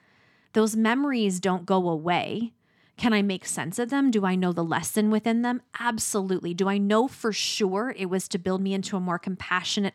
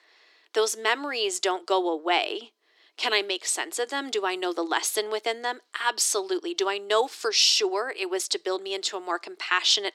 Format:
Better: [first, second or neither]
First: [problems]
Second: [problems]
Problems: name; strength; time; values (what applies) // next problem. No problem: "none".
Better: first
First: none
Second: thin; very; fading below 350 Hz